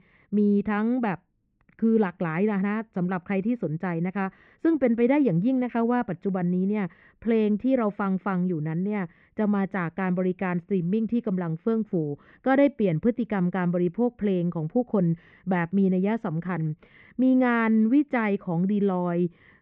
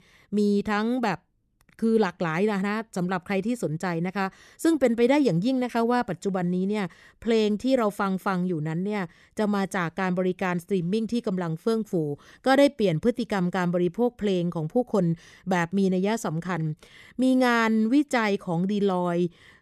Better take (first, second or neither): second